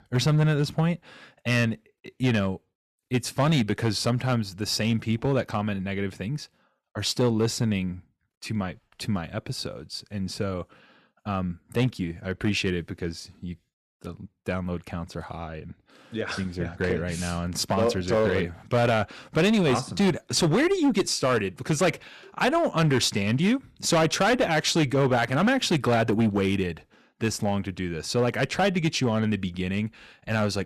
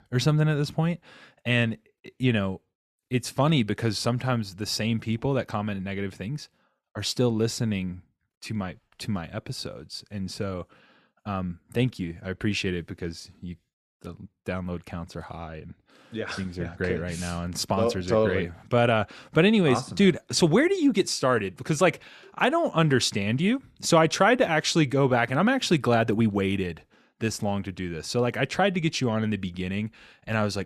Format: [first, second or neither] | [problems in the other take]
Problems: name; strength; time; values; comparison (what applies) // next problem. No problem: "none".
second | distortion; slight; 6% of the sound clipped